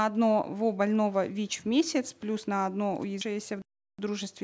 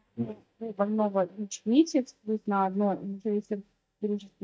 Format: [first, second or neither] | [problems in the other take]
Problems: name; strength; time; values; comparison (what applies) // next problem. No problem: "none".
first | noise reduction (neural mask model DeepFilterNet 3)